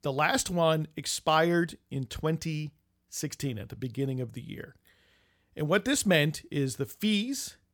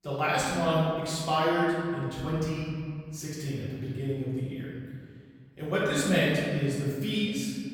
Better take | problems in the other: first | room echo; strong; dies away in 2 s // off-mic speech; far

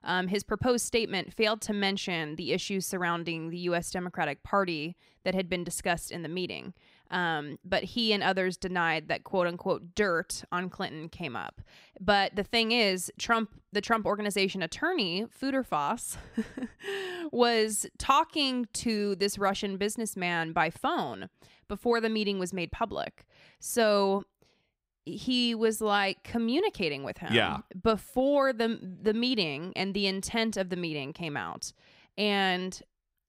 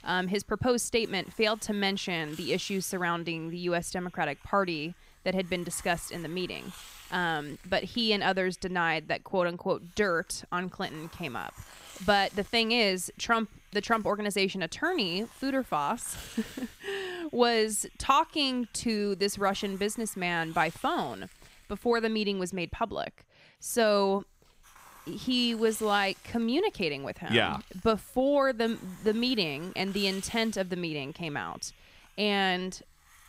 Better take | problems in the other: first | hiss; faint; throughout; 25 dB below the speech

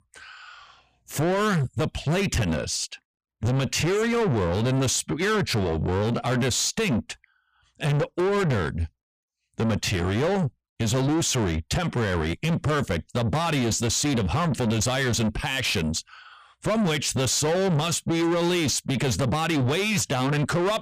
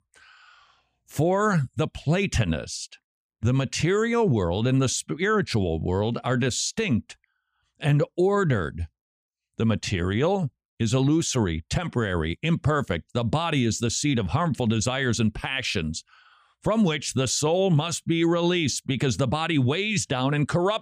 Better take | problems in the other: second | distortion; heavy; 8 dB below the speech

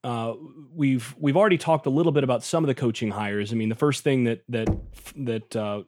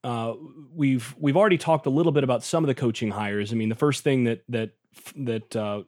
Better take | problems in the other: second | door banging; noticeable; at 4.5 s; peak 5 dB below the speech

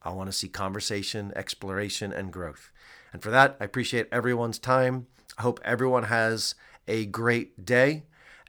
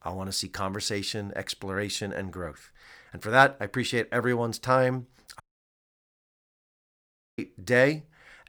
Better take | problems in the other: first | audio cutting out; at 5.5 s for 2 s

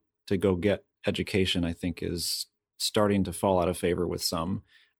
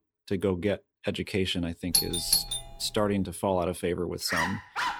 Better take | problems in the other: first | doorbell; loud; at 2 s; peak 6 dB above the speech // dog barking; loud; at 4.5 s; peak 1 dB above the speech

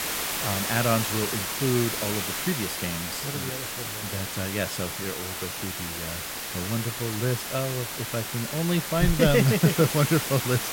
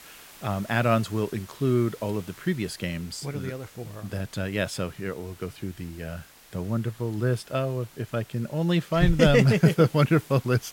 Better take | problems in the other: second | hiss; loud; throughout; 3 dB below the speech; faint in the second

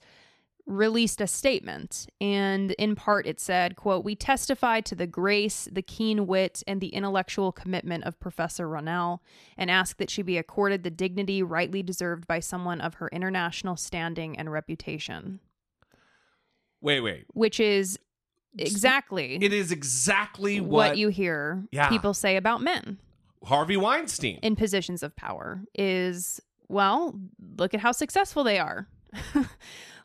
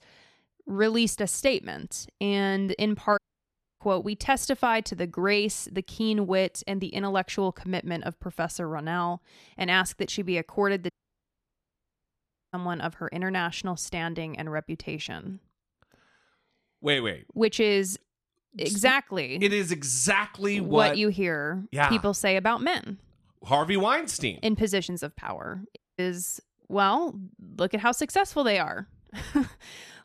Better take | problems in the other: first | audio cutting out; at 3 s for 0.5 s, at 11 s for 1.5 s and at 26 s

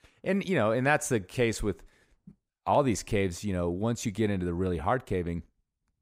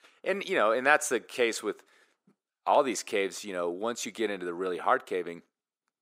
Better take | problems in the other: first | thin; somewhat; fading below 350 Hz

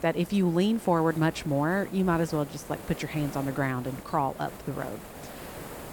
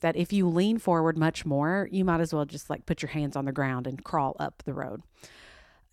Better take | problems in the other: second | hiss; noticeable; throughout; 15 dB below the speech

